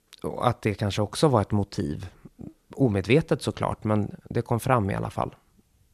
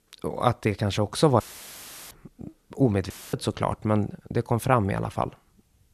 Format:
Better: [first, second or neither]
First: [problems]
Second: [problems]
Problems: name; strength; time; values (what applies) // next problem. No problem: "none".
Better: first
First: none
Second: audio cutting out; filled with static; at 1.5 s for 0.5 s and at 3 s